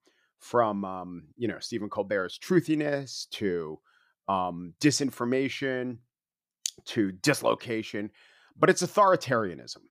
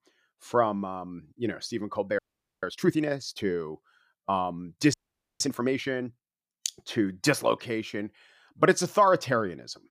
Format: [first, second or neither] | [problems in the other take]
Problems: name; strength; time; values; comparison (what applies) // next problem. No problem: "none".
first | audio freezing; at 2 s and at 5 s